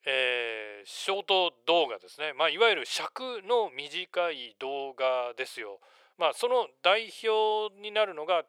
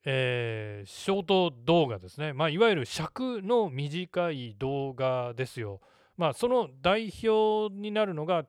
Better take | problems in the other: second | thin; very; fading below 500 Hz

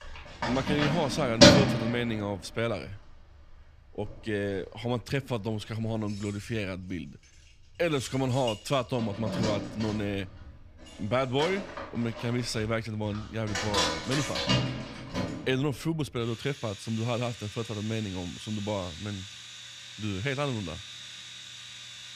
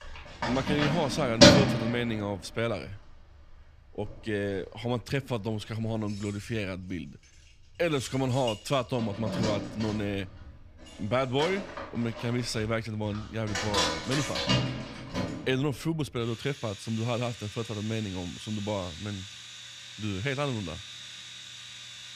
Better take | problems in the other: neither | household noises; very loud; throughout; 2 dB above the speech; the same in both

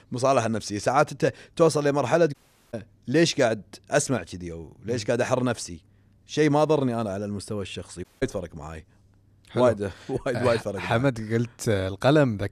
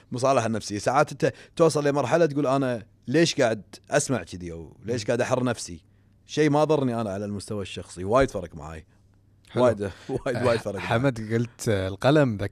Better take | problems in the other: second | audio cutting out; at 2.5 s and at 8 s

